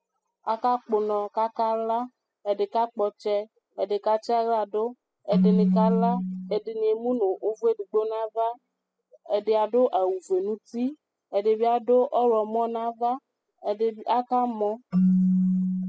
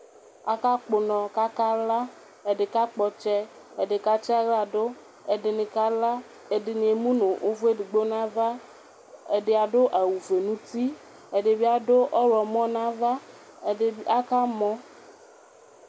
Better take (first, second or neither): second